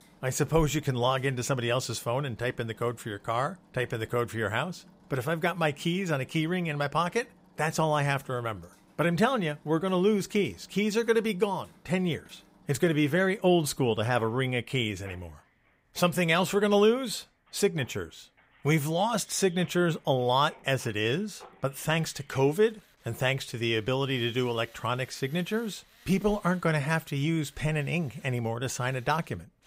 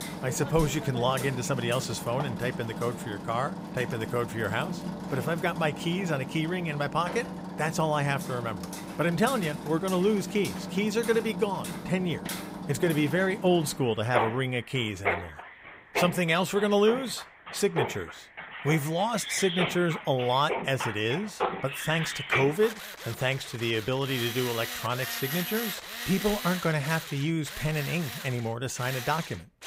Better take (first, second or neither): first